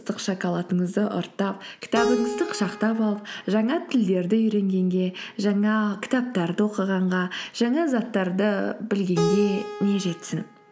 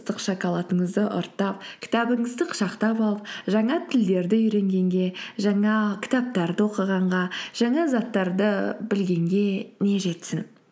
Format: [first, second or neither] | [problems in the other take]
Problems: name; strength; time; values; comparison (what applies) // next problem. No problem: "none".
second | background sound (Keyboard (musical)); 11 dB below the speech